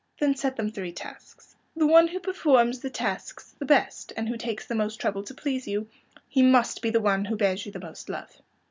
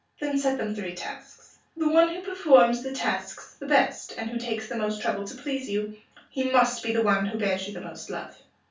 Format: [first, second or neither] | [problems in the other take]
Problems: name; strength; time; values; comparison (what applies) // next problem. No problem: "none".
first | room echo; dies away in 0.3 s